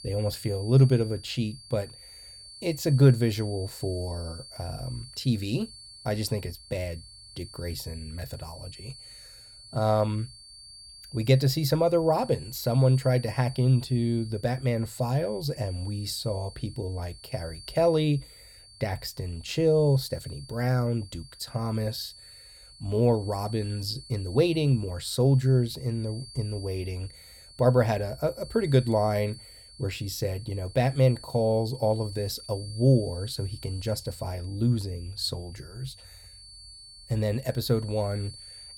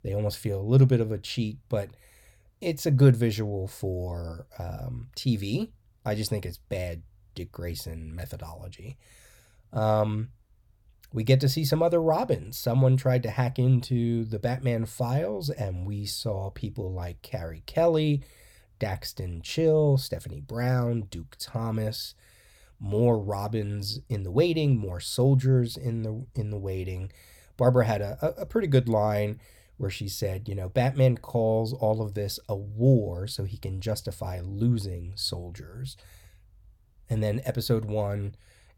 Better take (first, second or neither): second